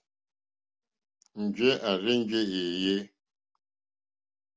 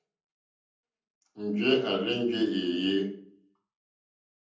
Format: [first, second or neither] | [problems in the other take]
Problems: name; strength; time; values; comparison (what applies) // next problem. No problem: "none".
first | room echo; dies away in 0.6 s